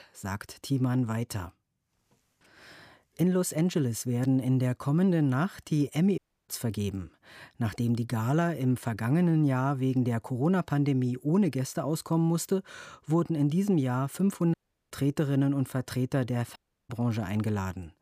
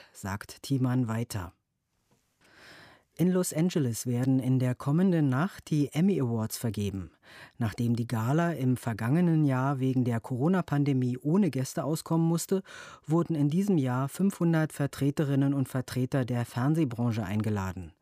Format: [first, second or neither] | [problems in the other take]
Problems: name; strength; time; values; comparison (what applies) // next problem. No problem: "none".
second | audio cutting out; at 6 s, at 15 s and at 17 s